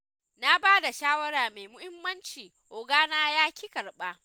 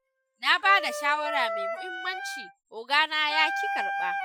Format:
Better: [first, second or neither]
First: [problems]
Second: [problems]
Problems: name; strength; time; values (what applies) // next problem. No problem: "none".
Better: first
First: none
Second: noise reduction (classical method Wiener filter)